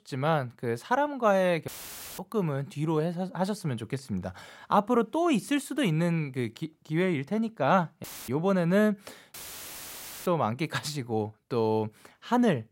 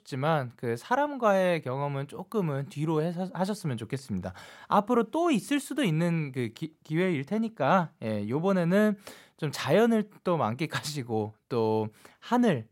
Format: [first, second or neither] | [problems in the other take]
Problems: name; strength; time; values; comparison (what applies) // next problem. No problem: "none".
second | audio cutting out; filled with static; at 1.5 s for 0.5 s, at 8 s and at 9.5 s for 1 s